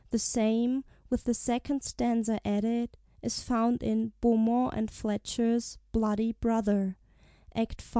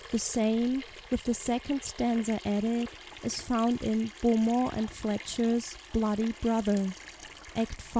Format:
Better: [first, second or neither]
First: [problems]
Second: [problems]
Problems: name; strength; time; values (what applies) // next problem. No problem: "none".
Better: first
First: none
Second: background sound (Sink (filling or washing) / Water tap, faucet); 17 dB below the speech